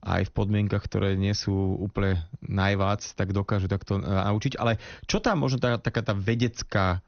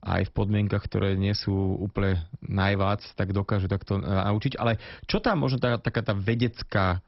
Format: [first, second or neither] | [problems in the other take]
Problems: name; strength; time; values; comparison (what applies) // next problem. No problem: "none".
first | garbled, watery; badly; nothing above 5.5 kHz; slightly in the first